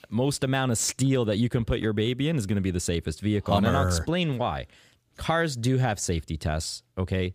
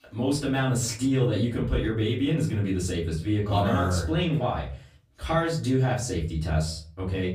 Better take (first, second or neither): first